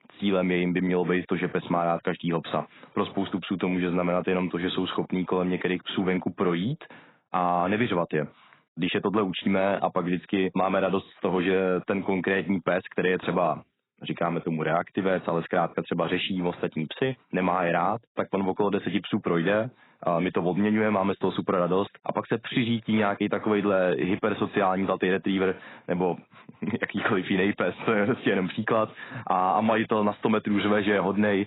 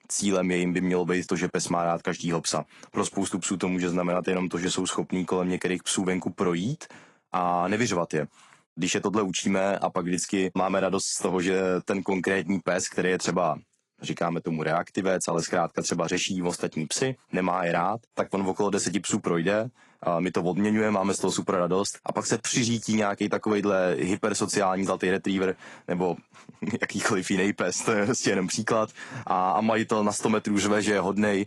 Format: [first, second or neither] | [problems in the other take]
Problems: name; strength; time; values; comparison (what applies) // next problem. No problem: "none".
second | garbled, watery; badly; nothing above 4 kHz; slightly in the second